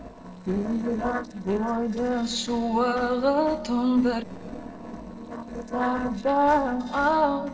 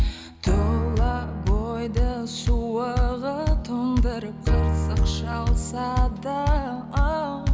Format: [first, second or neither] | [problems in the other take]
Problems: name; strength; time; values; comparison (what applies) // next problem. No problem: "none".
second | noise reduction (neural separator model SepFormer DNS4)